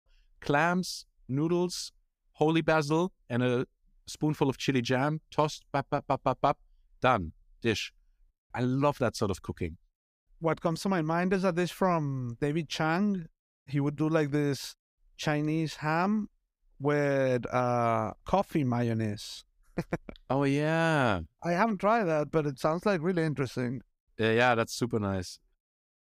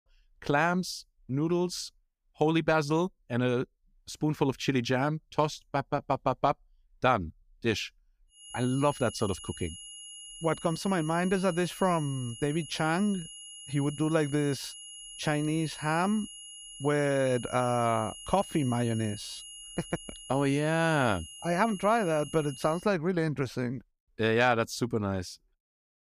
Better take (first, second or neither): first